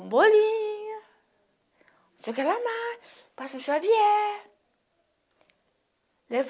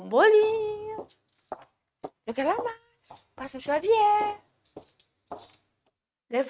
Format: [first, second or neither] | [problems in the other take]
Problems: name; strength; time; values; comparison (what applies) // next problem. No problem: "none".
first | noise reduction (neural mask model RNNoise)